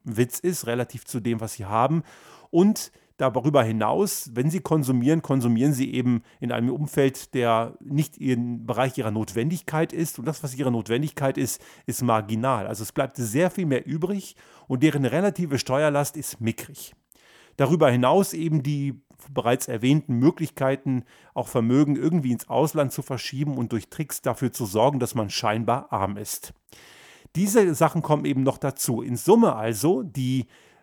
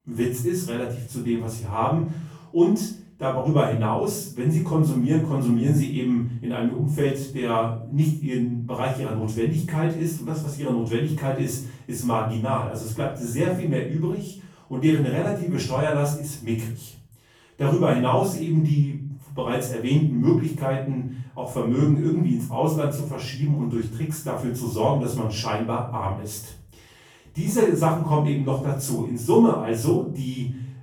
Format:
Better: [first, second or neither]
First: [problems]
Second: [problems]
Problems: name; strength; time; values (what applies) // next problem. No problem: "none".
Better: first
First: none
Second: off-mic speech; far // room echo; noticeable; dies away in 0.6 s